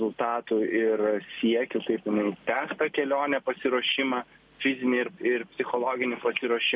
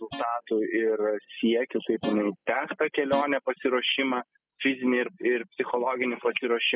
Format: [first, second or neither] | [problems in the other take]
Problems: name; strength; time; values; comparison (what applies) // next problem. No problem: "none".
first | noise reduction (classical method spectral subtraction)